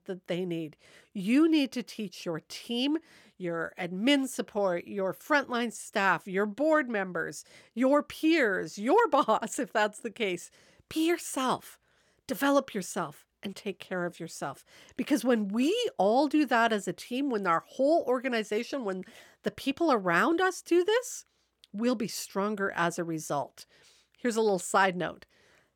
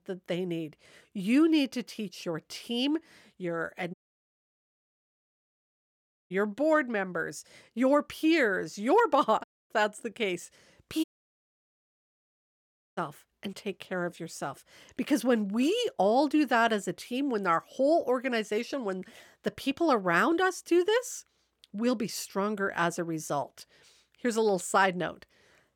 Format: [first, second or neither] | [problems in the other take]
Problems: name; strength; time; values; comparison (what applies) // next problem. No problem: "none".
first | audio cutting out; at 4 s for 2.5 s, at 9.5 s and at 11 s for 2 s